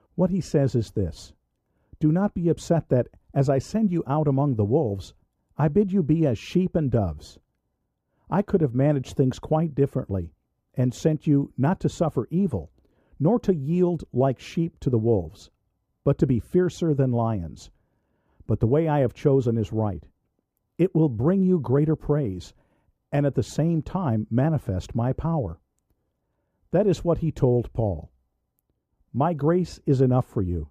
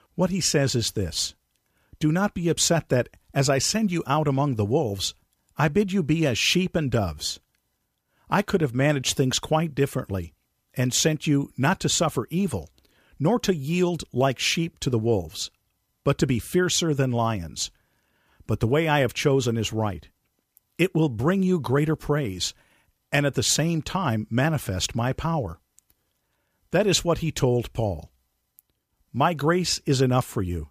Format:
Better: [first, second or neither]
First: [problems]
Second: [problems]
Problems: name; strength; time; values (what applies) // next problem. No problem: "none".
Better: second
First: muffled; very; fading above 1.5 kHz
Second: none